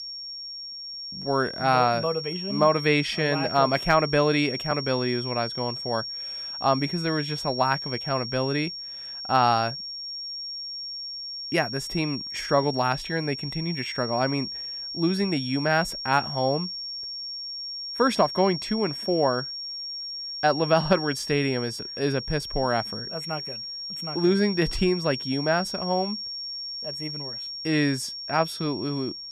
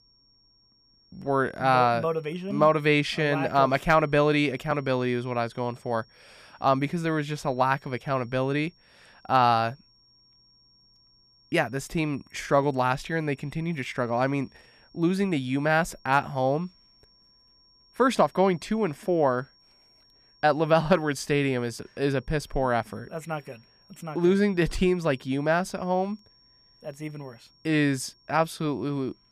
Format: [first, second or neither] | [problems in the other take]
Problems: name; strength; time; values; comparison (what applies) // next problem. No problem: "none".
second | high-pitched whine; loud; throughout; 5.5 kHz, 6 dB below the speech; faint in the second